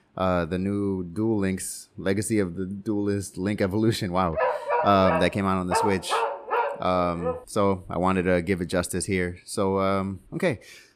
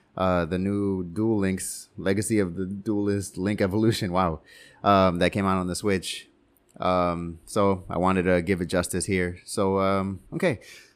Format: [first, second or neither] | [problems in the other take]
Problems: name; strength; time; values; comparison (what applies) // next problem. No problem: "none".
second | dog barking; loud; from 4.5 to 7.5 s; peak 1 dB above the speech